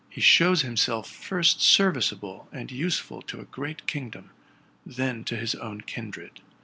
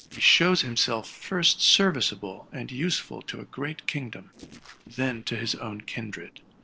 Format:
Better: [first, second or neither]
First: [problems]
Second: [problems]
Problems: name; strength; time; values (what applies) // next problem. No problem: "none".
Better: first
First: none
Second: noise reduction (neural separator model SepFormer DNS4)